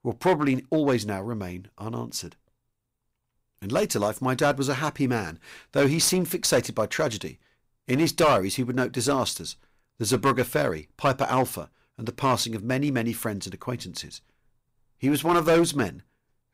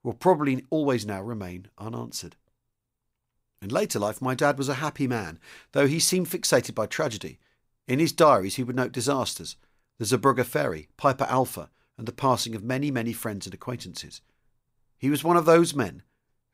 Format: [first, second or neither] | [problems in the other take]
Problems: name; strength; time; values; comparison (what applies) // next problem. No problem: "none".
second | distortion; slight; 4% of the sound clipped